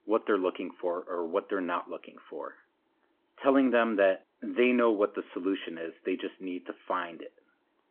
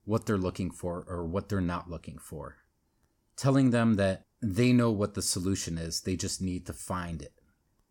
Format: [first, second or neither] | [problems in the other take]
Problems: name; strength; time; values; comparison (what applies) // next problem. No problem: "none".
second | phone-call audio